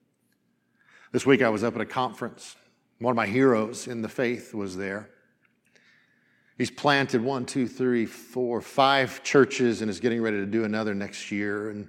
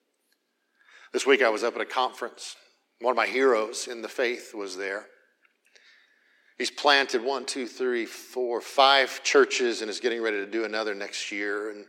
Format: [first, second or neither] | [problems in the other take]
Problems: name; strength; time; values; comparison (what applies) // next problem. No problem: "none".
first | thin; somewhat; fading below 350 Hz